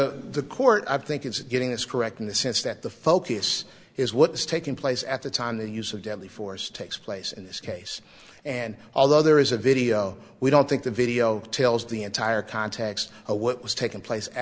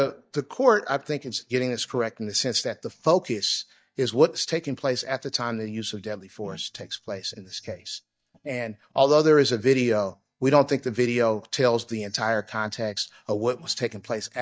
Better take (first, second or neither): first